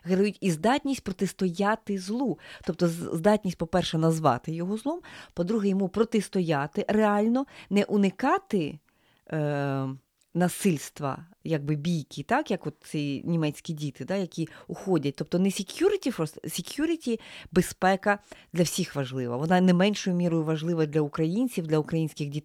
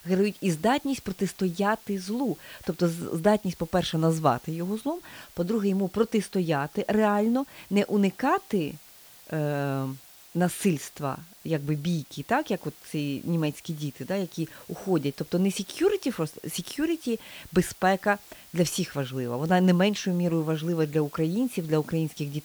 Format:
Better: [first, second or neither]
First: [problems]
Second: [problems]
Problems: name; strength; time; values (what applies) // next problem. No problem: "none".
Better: first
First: none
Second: hiss; noticeable; throughout; 20 dB below the speech